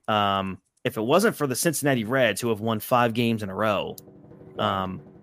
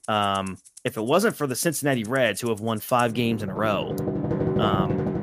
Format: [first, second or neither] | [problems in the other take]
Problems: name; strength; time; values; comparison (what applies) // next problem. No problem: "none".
first | background music; loud; throughout; 3 dB below the speech; faint in the first